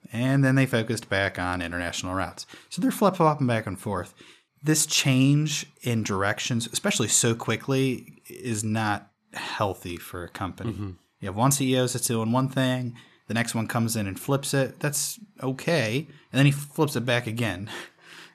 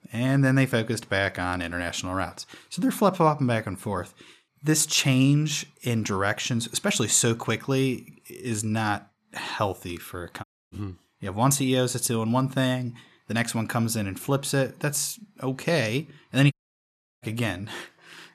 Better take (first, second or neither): first